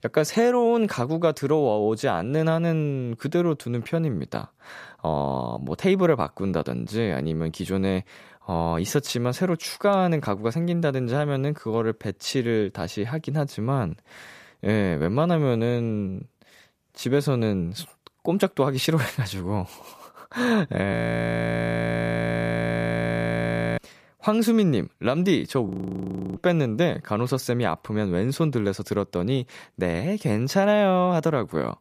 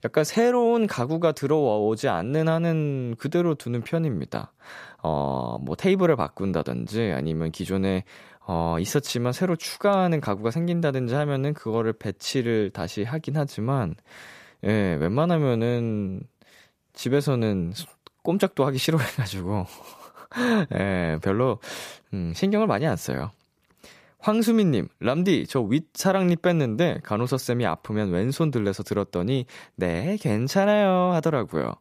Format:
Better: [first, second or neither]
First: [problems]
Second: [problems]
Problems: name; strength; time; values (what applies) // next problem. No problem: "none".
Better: second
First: audio freezing; at 21 s for 3 s and at 26 s for 0.5 s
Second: none